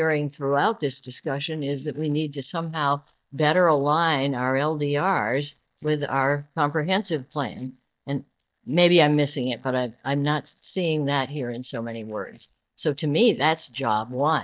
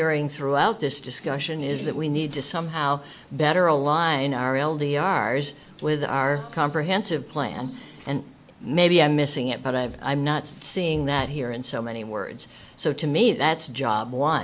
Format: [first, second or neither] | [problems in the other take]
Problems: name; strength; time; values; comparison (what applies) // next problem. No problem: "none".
second | noise reduction (neural mask model DeepFilterNet 3)